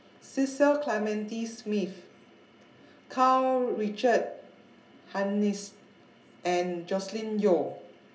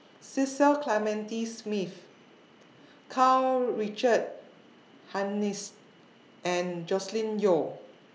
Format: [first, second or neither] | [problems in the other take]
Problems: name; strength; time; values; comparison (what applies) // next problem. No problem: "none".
second | room echo; dies away in 0.4 s